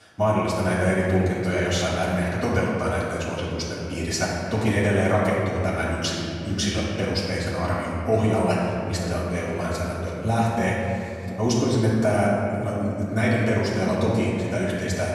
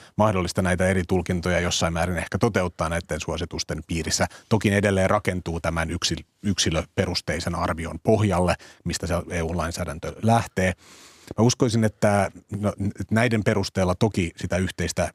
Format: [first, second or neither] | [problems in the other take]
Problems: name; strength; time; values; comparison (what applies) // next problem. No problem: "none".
second | off-mic speech; far // room echo; noticeable; dies away in 2.6 s